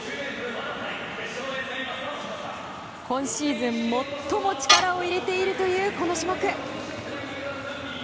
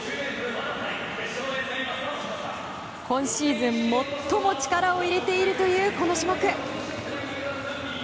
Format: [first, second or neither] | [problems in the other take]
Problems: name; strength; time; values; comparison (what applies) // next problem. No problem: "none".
second | background sound (Tools); 2 dB below the speech